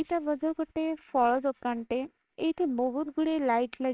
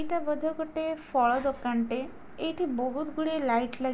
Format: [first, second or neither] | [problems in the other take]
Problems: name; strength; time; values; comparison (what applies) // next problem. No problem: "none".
second | noise reduction (neural separator model SepFormer WHAMR!)